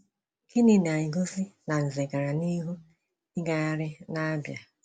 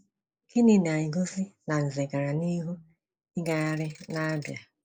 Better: first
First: none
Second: noise reduction (neural mask model Resemble Enhance denoiser)

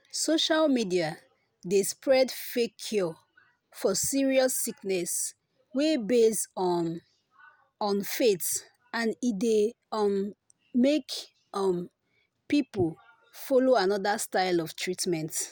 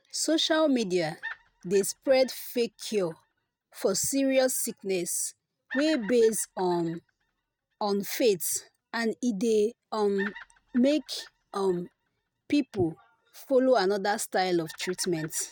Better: first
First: none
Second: noise reduction (neural mask model RNNoise)

